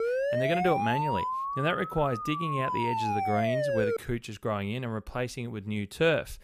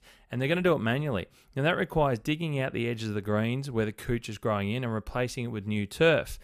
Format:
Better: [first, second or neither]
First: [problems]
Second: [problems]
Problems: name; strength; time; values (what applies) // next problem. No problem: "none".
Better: second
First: siren; loud; until 4 s; peak 3 dB above the speech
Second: none